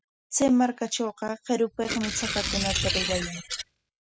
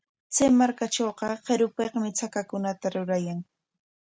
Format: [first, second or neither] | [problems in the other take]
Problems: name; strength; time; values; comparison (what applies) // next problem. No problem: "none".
second | noise reduction (classical method spectral subtraction)